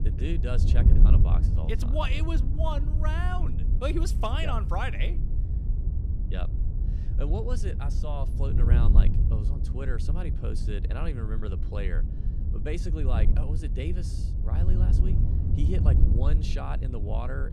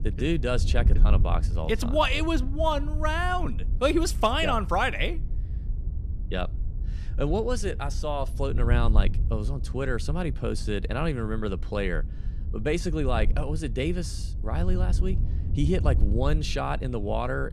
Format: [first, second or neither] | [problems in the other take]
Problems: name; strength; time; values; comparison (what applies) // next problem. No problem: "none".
second | wind noise on the microphone; heavy; 6 dB below the speech; occasional gusts in the second